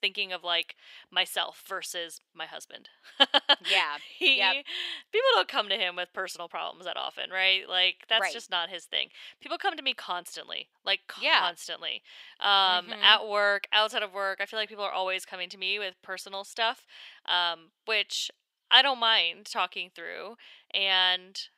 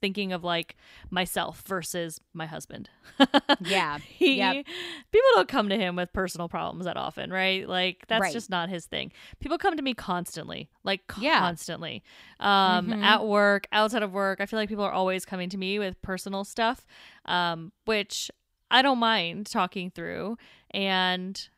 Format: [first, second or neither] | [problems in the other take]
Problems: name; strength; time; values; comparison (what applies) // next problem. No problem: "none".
second | thin; very; fading below 550 Hz